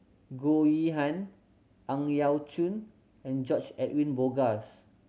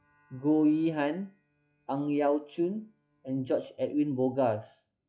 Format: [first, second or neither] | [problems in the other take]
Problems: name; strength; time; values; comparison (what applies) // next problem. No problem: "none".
first | noise reduction (classical method log-MMSE)